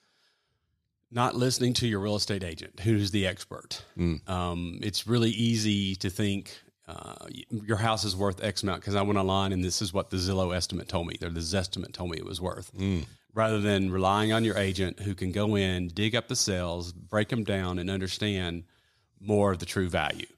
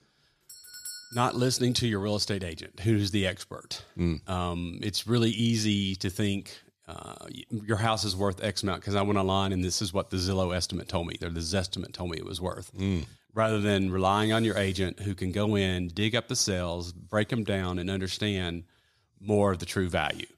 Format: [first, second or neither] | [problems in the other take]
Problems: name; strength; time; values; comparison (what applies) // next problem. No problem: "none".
first | doorbell; faint; at 0.5 s; peak 10 dB below the speech